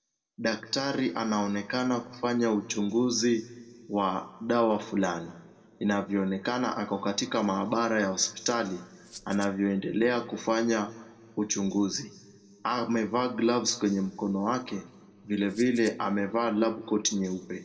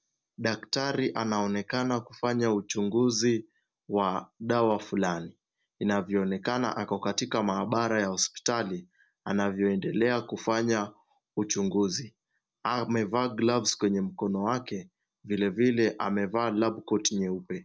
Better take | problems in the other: second | background sound (Rattle (instrument)); 19 dB below the speech // room echo; dies away in 1.4 s

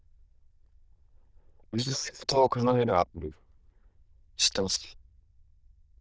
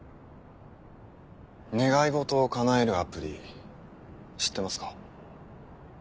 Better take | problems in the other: second | noise reduction (neural diffusion model UNIVERSE++)

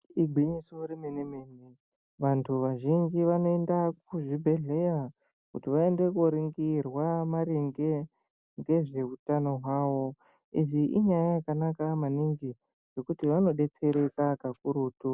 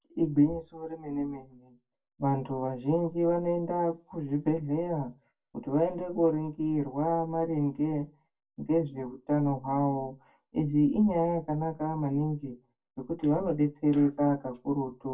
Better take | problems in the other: first | room echo; dies away in 0.2 s

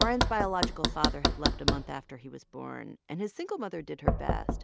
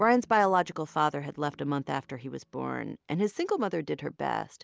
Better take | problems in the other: second | background sound (Knock); 4 dB above the speech

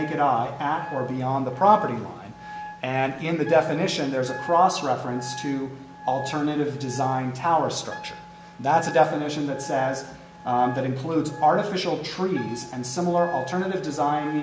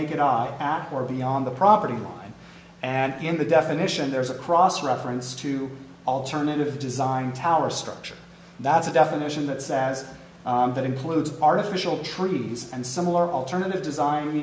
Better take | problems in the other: second | background sound (Wind instrument, woodwind instrument); 15 dB below the speech

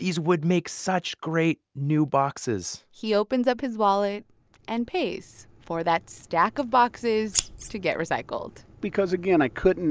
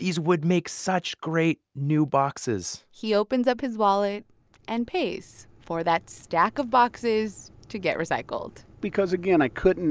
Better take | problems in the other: second | background sound (Scissors); 4 dB below the speech

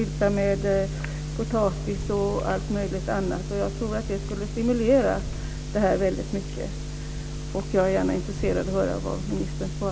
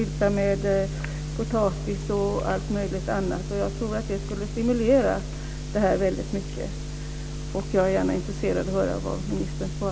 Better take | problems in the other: second | background sound (Wind); 17 dB below the speech

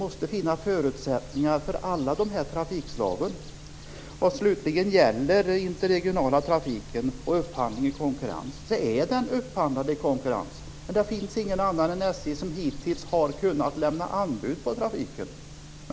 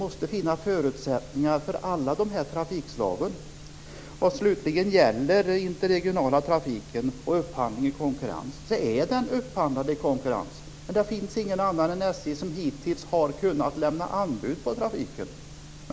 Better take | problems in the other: second | background sound (Bird); 17 dB below the speech

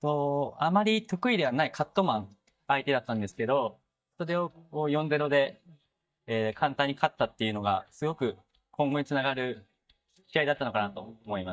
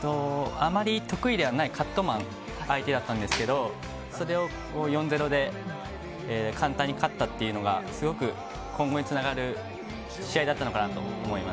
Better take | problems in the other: second | noise reduction (neural mask model DeepFilterNet 3)

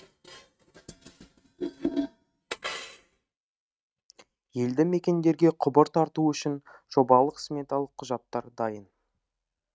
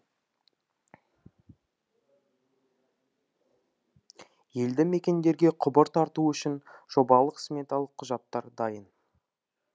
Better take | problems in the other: second | noise reduction (neural mask model RNNoise)

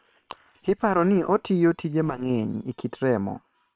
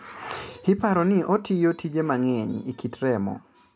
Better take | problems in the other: second | noise reduction (neural separator model SepFormer WHAM!)

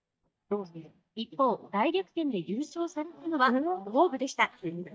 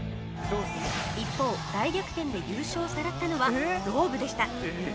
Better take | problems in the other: second | noise reduction (neural mask model DeepFilterNet 3)

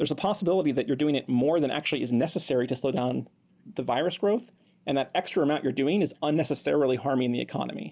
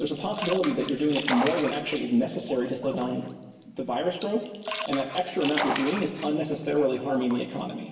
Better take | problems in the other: first | background sound (Splash, splatter); 9 dB below the speech // room echo; dies away in 1.2 s

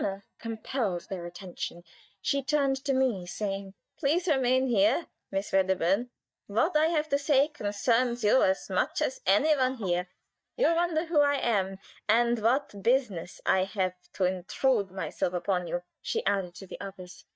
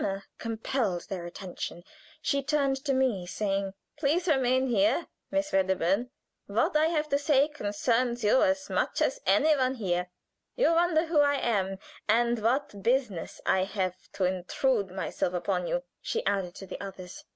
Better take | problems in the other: second | noise reduction (neural mask model DeepFilterNet 3)

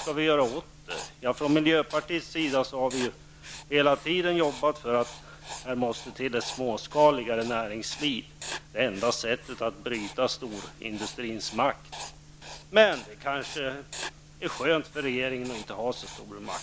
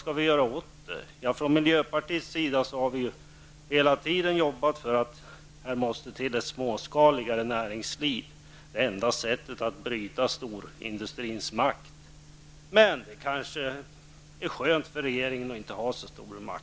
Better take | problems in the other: second | background sound (Writing); 16 dB below the speech

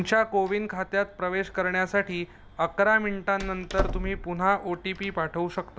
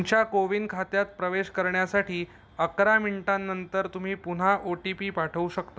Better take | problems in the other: second | background sound (Door); 11 dB below the speech

